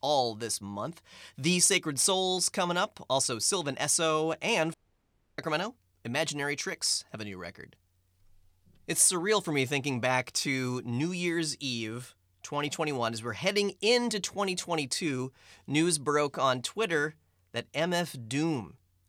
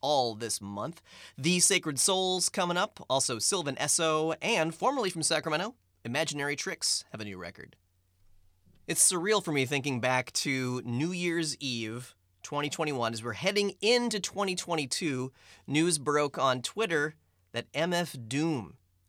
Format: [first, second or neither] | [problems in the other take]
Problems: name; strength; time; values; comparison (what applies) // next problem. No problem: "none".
second | audio cutting out; at 4.5 s for 0.5 s